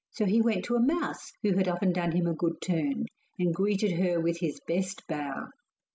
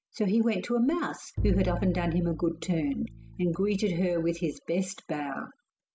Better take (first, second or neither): first